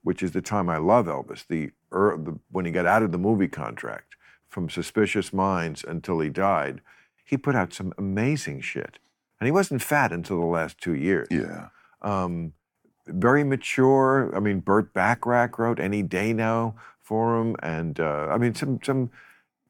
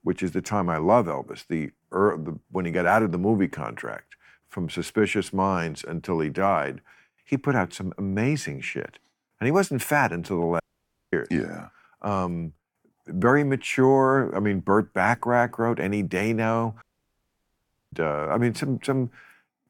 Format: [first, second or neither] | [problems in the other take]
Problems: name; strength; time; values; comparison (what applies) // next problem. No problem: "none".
first | audio cutting out; at 11 s for 0.5 s and at 17 s for 1 s